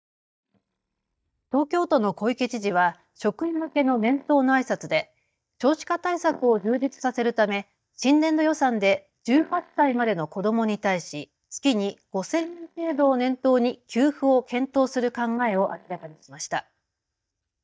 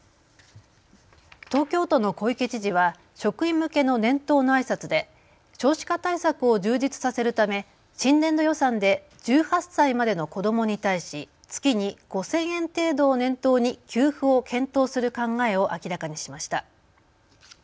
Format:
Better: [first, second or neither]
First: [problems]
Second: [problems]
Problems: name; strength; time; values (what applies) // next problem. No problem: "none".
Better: second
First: noise reduction (neural mask model DeepFilterNet 3)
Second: none